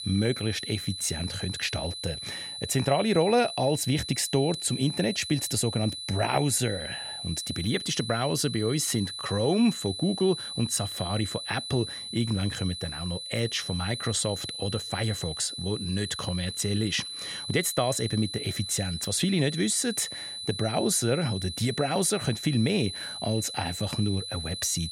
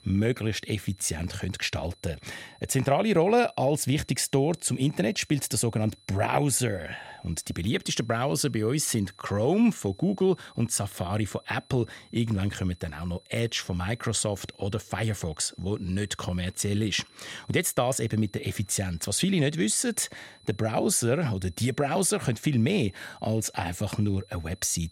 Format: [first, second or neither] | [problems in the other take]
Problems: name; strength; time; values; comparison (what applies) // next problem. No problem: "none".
second | high-pitched whine; loud; throughout; 4 kHz, 7 dB below the speech; faint in the second